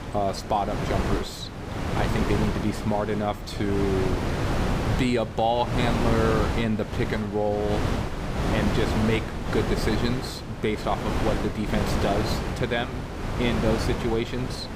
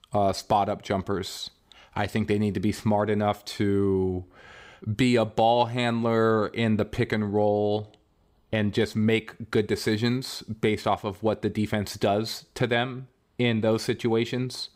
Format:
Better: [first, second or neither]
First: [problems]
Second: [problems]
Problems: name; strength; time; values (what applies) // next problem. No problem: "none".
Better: second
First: wind noise on the microphone; heavy; 3 dB below the speech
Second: none